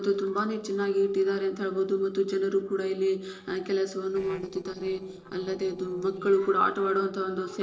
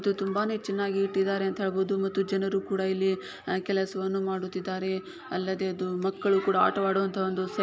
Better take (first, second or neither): second